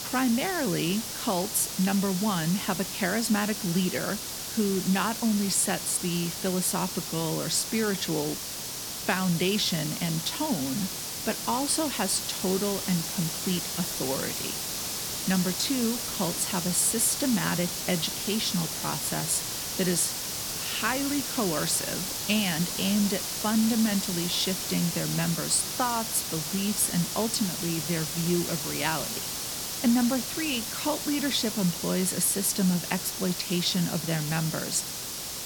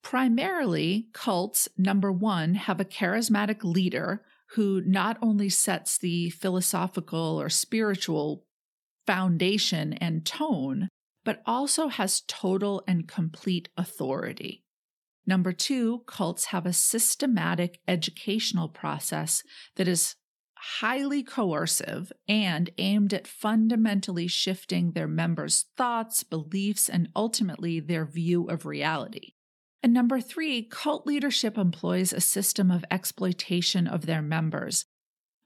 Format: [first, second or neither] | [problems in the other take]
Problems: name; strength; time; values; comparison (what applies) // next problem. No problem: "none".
second | hiss; loud; throughout; 3 dB below the speech